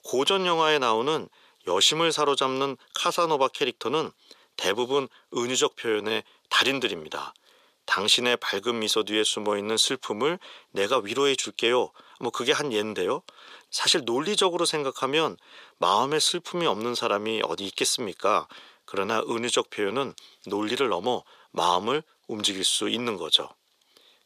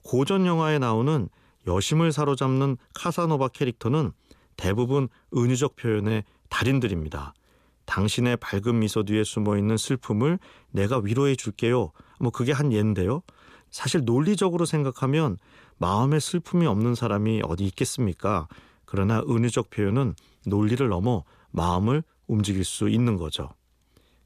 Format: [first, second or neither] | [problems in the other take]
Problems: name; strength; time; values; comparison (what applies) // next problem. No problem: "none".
second | thin; very; fading below 500 Hz